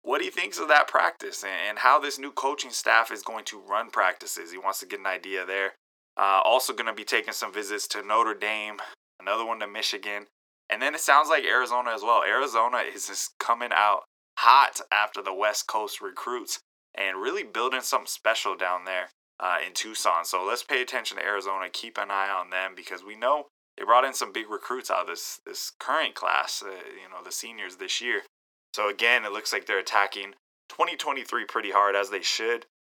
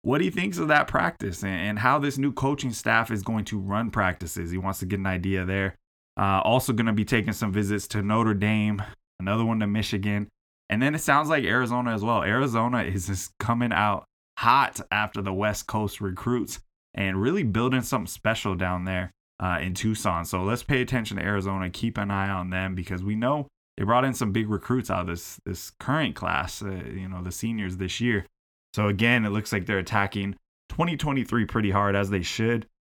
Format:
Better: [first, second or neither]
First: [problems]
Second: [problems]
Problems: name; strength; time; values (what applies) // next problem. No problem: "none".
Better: second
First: thin; very; fading below 400 Hz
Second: none